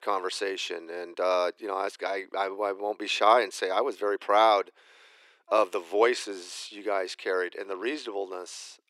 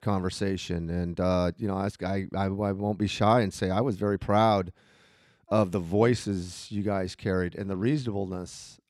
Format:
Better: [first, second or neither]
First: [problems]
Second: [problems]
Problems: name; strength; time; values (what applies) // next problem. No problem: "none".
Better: second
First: thin; very; fading below 350 Hz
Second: none